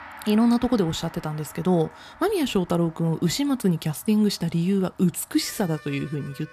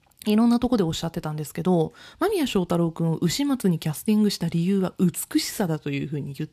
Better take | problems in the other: second | background music; faint; throughout; 20 dB below the speech

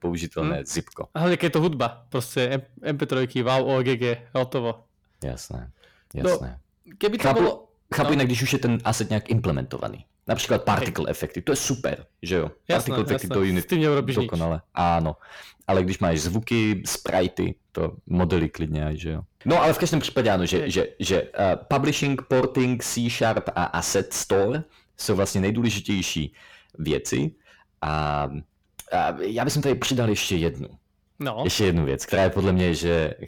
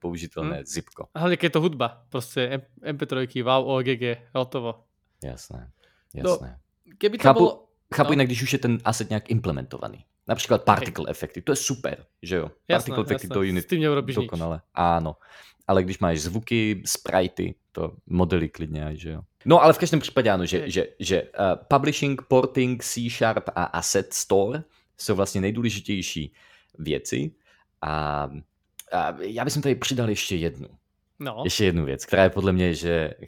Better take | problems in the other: second | distortion; heavy; 7 dB below the speech

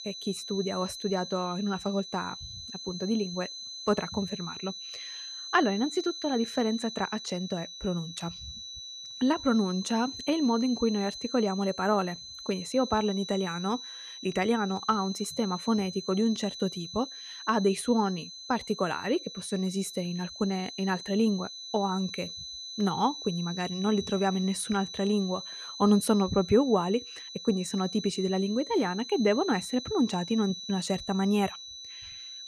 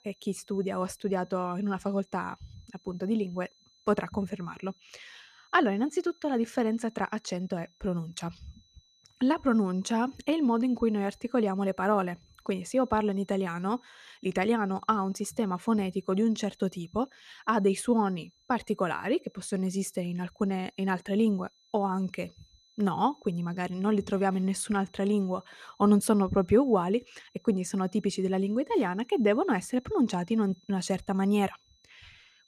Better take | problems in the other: second | high-pitched whine; loud; throughout; 4 kHz, 10 dB below the speech; faint in the second

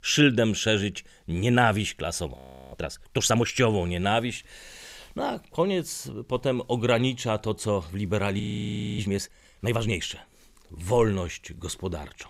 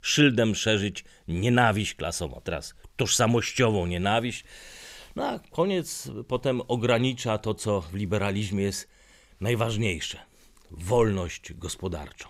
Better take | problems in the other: second | audio freezing; at 2.5 s and at 8.5 s for 0.5 s

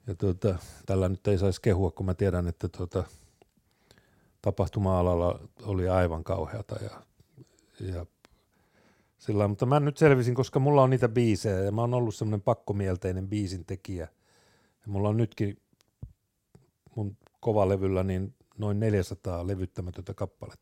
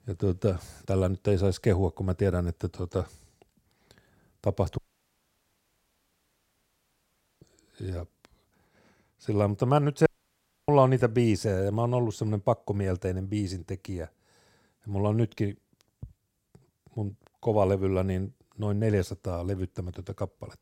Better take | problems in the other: first | audio cutting out; at 5 s for 2.5 s and at 10 s for 0.5 s

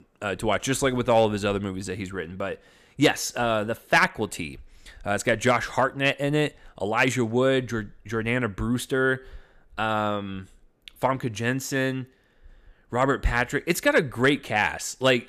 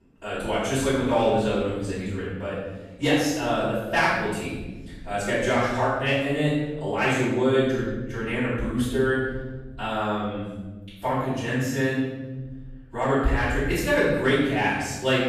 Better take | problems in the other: first | room echo; strong; dies away in 1.4 s // off-mic speech; far

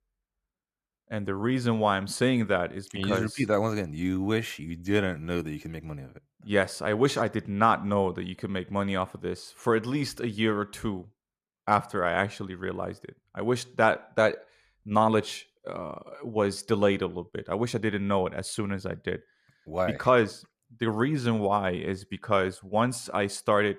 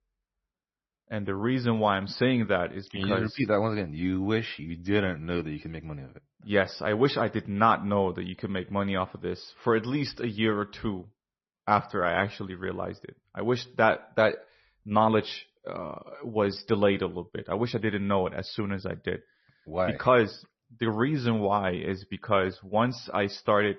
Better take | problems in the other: first | garbled, watery; slightly; nothing above 5.5 kHz

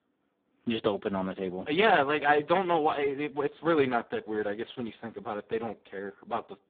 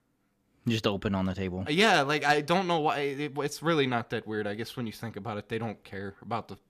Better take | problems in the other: second | phone-call audio; poor line; nothing above 3.5 kHz

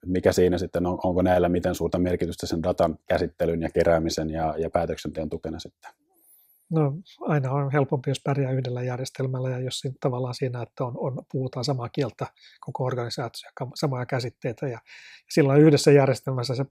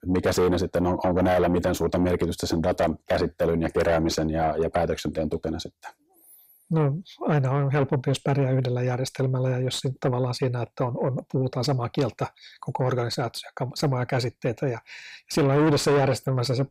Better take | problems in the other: first | distortion; heavy; 7 dB below the speech

